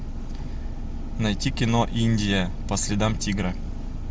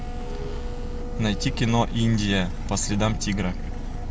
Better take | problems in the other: first | background sound (Domestic sounds, home sounds); 17 dB below the speech

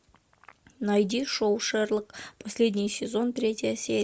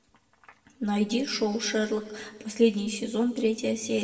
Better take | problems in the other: first | room echo; dies away in 1.3 s

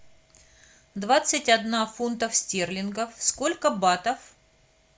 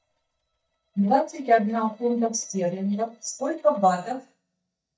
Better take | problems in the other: first | noise reduction (neural mask model DeepFilterNet 3)

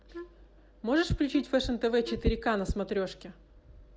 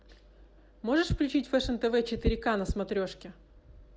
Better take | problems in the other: second | background sound (Wind instrument, woodwind instrument); 16 dB below the speech

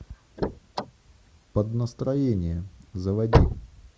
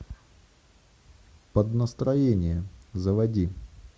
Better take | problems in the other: second | background sound (Slam / Car); as loud as the speech

